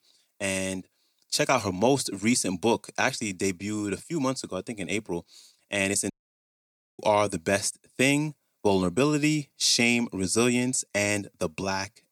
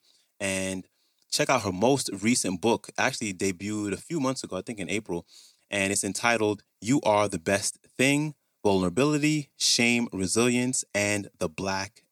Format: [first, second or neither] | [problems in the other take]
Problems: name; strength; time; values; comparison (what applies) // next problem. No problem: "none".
second | audio cutting out; at 6 s for 1 s